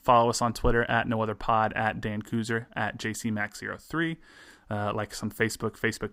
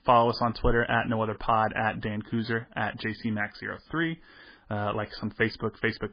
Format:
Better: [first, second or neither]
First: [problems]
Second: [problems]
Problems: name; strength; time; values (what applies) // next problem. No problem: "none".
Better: first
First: none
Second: garbled, watery; badly